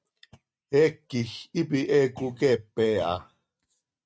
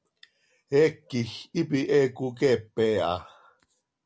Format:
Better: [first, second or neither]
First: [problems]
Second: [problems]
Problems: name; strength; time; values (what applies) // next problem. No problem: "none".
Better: second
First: noise reduction (neural mask model RNNoise)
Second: none